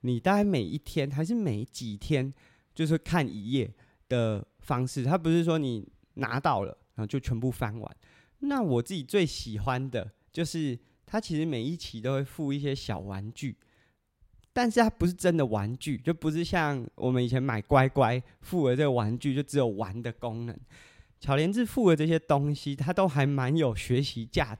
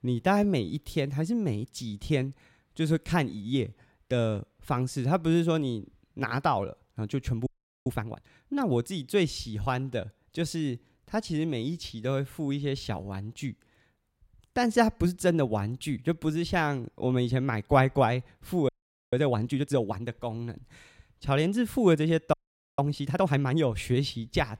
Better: first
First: none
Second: audio freezing; at 7.5 s, at 19 s and at 22 s

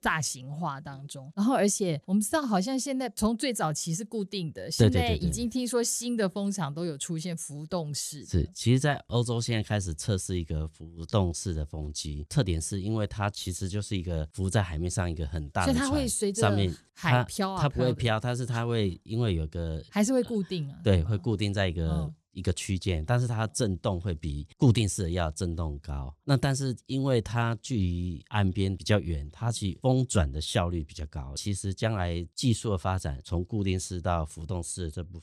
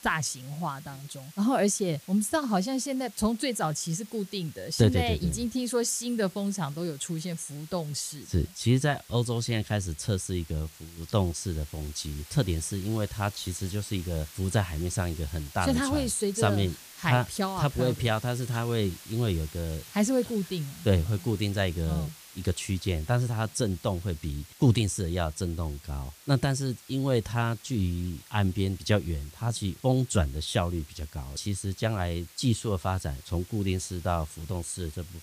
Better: first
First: none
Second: hiss; noticeable; throughout; 20 dB below the speech

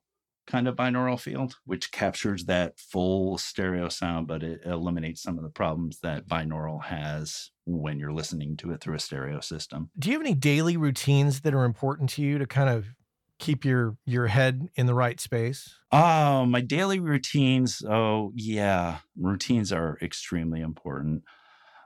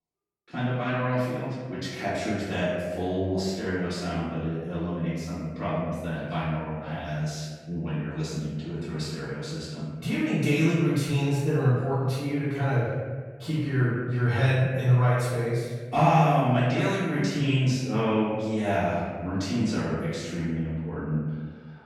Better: first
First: none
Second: off-mic speech; far // room echo; strong; dies away in 1.5 s

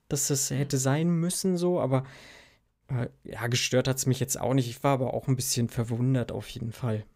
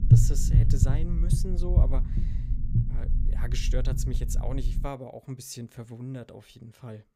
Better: first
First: none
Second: low rumble; loud; until 5 s; 1 dB below the speech

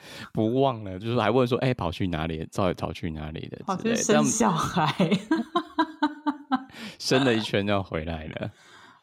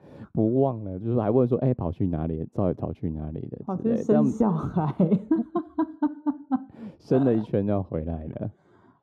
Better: first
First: none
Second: muffled; very; fading above 1.5 kHz

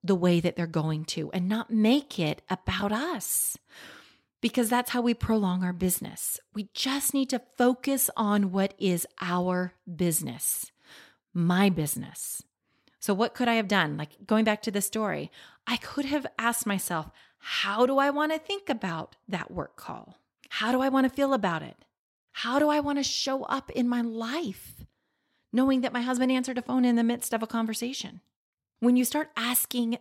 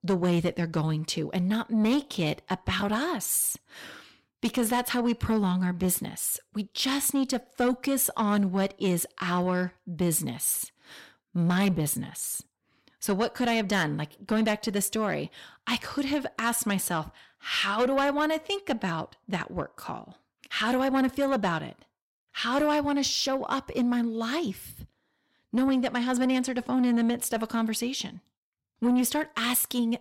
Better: first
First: none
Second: distortion; slight; 10 dB below the speech

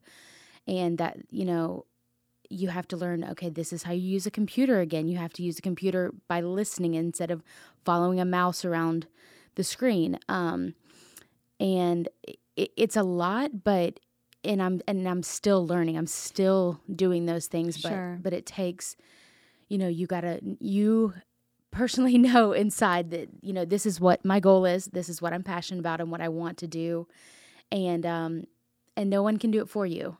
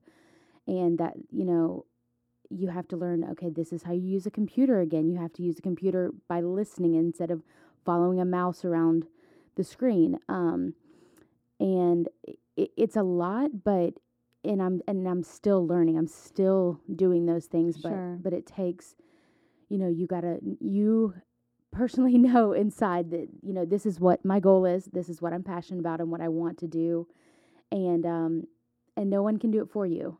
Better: first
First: none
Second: muffled; slightly; fading above 1.5 kHz

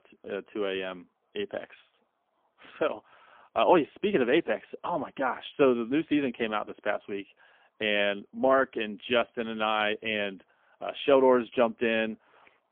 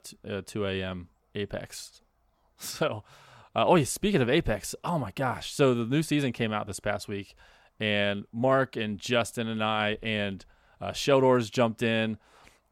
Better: second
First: phone-call audio; poor line; nothing above 3.5 kHz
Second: none

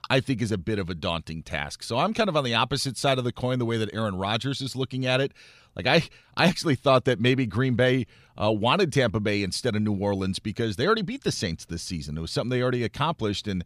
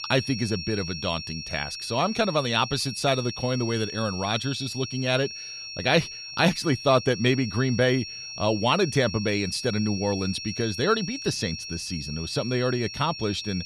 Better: first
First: none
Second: high-pitched whine; loud; throughout; 5.5 kHz, 9 dB below the speech

